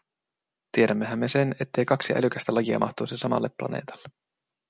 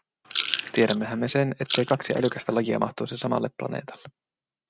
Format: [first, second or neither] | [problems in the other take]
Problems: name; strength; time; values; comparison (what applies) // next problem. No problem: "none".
first | noise reduction (neural mask model RNNoise)